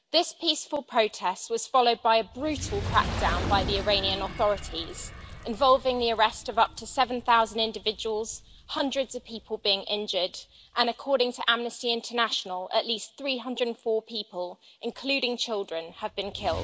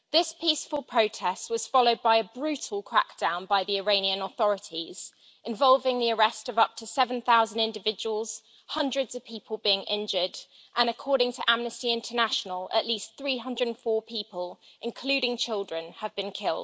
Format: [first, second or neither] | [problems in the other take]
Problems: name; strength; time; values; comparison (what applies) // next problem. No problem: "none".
second | background sound (Fire); 12 dB below the speech